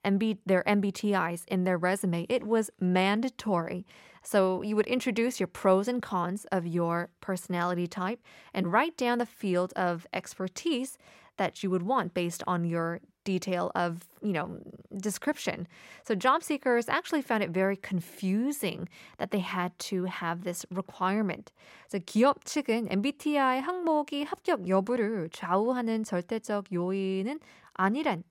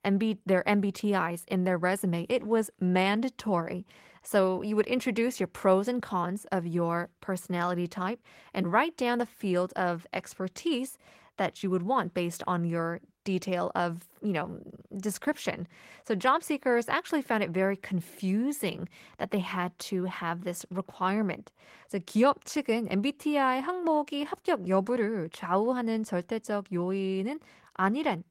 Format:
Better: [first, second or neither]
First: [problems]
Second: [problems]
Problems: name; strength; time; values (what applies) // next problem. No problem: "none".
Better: first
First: none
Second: garbled, watery; slightly; nothing above 16 kHz